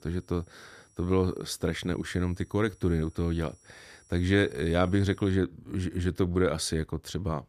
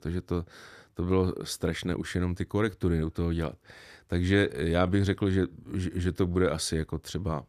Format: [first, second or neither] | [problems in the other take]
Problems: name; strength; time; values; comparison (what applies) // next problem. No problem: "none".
second | high-pitched whine; faint; until 5.5 s; 5.5 kHz, 30 dB below the speech